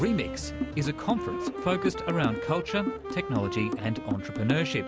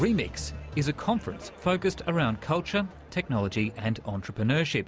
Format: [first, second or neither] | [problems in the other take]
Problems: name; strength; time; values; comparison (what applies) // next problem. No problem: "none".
second | background sound (Wind instrument, woodwind instrument + Drum); 4 dB below the speech